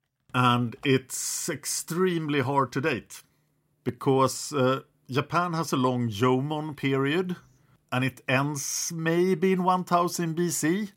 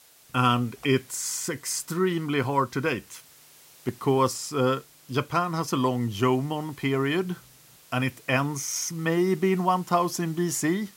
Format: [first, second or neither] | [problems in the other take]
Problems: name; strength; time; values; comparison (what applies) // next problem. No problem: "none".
first | hiss; faint; throughout; 25 dB below the speech